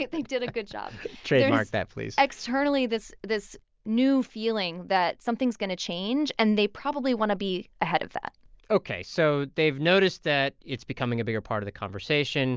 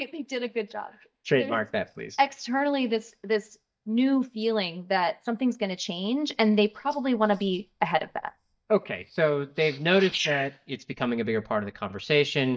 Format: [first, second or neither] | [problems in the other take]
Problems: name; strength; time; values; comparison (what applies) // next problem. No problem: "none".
first | noise reduction (neural mask model DeepFilterNet 3)